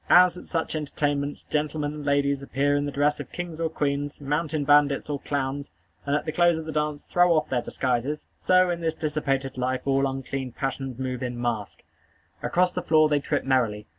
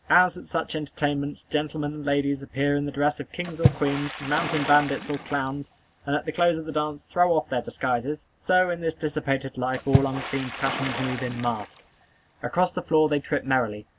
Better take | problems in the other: first | background sound (Water / Splash, splatter); 8 dB below the speech

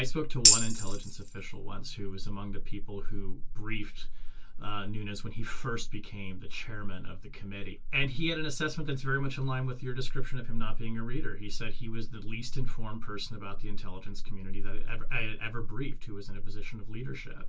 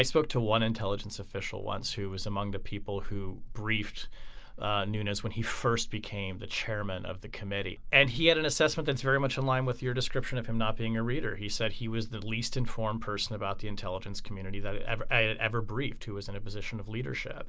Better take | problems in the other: second | background sound (Tambourine); 1 dB above the speech // room echo; dies away in 0.1 s

